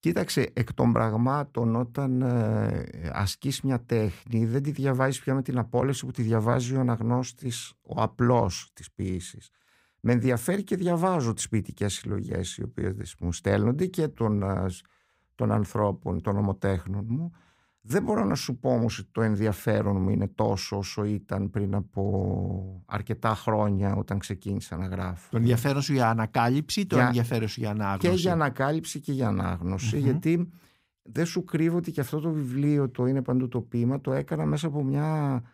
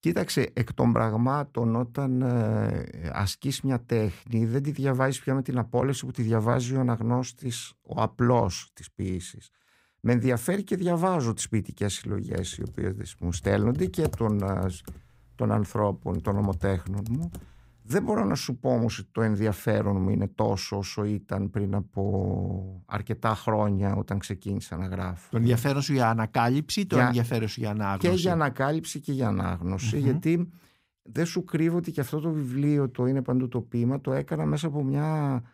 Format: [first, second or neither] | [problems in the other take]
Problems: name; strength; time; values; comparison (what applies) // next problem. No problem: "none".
first | keyboard typing; noticeable; from 12 to 17 s; peak 8 dB below the speech